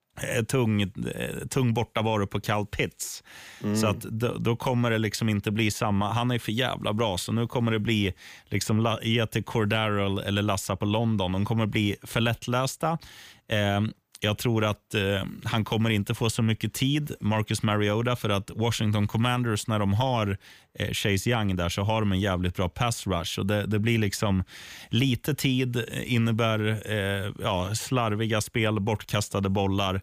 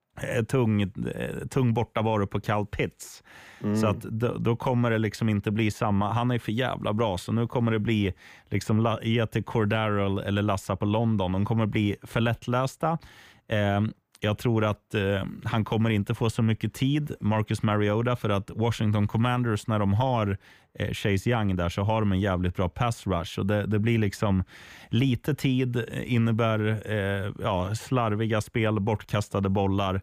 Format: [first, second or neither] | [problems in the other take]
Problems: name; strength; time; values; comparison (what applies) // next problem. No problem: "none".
first | muffled; slightly; fading above 2.5 kHz